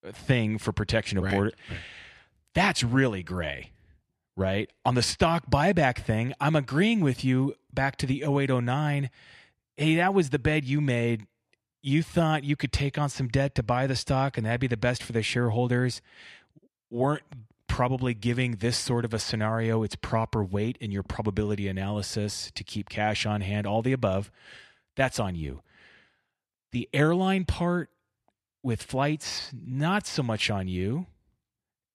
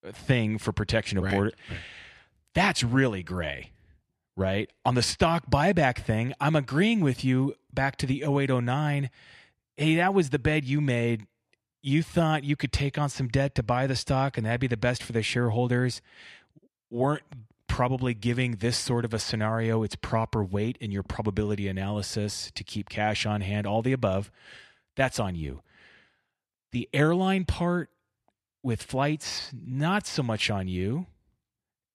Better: neither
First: none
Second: none

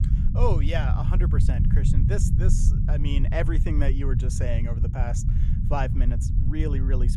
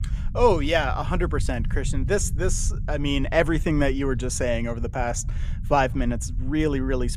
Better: second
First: low rumble; loud; throughout; 5 dB below the speech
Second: low rumble; faint; throughout; 20 dB below the speech

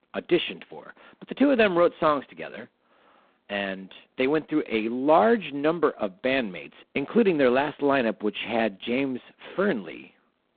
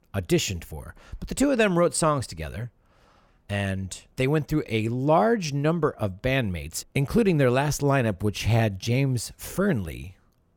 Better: second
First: phone-call audio; poor line; nothing above 4 kHz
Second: none

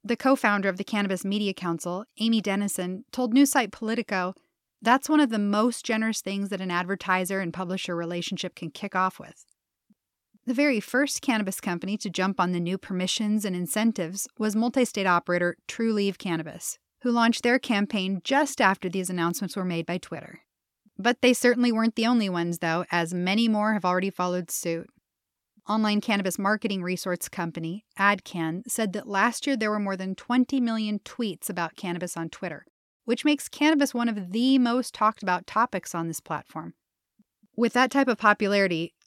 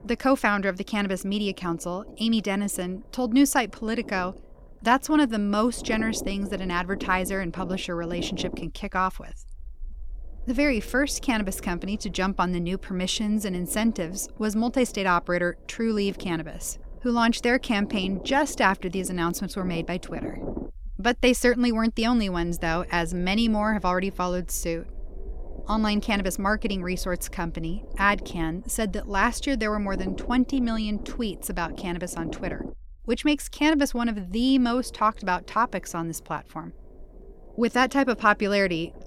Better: first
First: none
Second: low rumble; noticeable; throughout; 20 dB below the speech

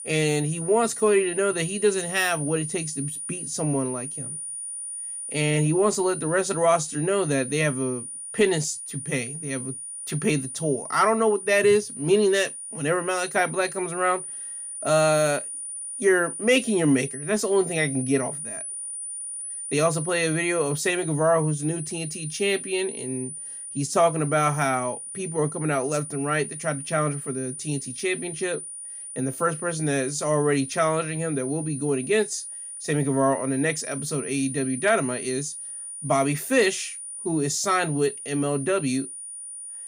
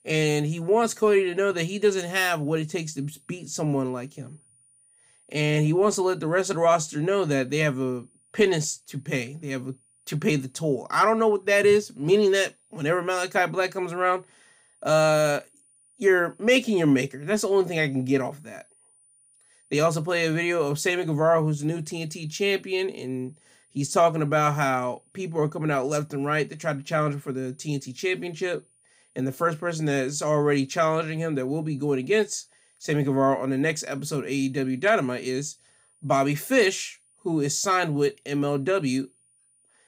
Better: second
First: high-pitched whine; loud; throughout; 9.5 kHz, 8 dB below the speech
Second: high-pitched whine; faint; throughout; 9.5 kHz, 35 dB below the speech

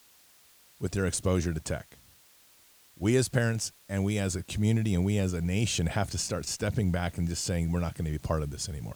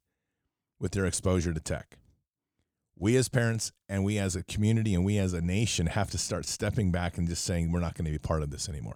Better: second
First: hiss; faint; throughout; 25 dB below the speech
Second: none

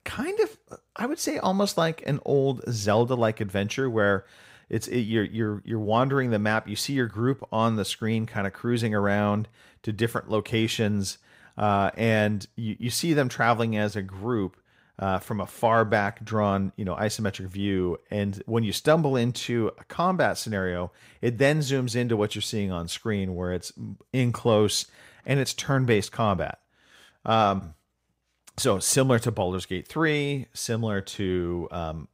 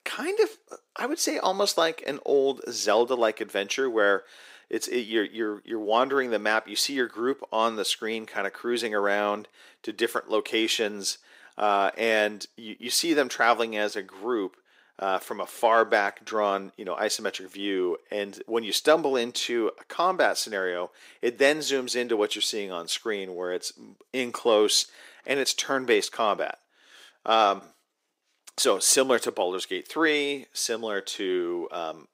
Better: first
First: none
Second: thin; somewhat; fading below 300 Hz

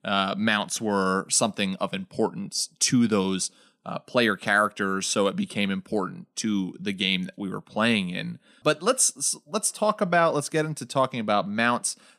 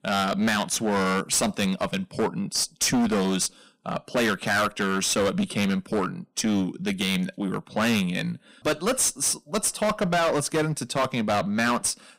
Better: first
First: none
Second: distortion; heavy; 16% of the sound clipped

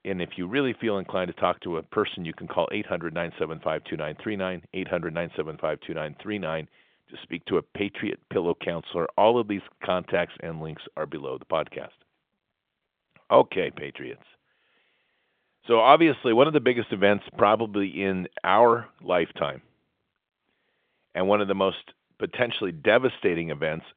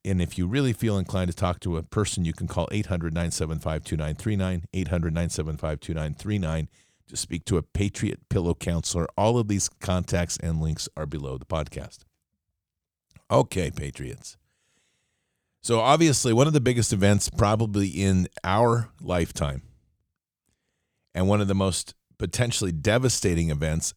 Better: second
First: phone-call audio; nothing above 3.5 kHz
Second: none

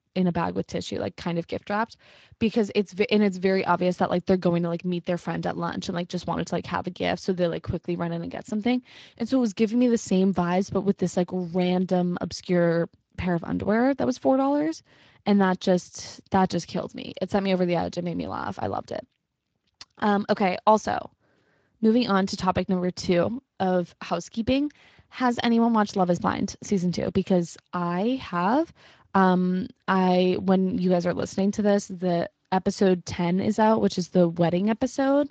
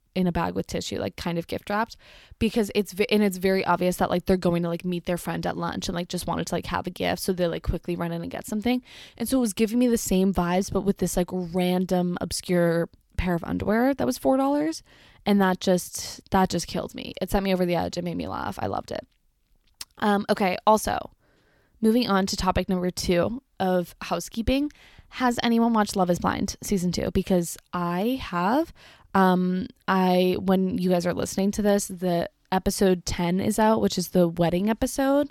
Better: second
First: garbled, watery; slightly; nothing above 7.5 kHz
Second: none

